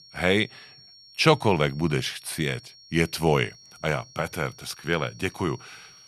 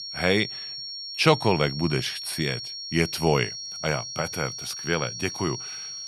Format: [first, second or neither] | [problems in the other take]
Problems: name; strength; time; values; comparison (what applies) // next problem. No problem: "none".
first | high-pitched whine; loud; throughout; 5.5 kHz, 7 dB below the speech; faint in the first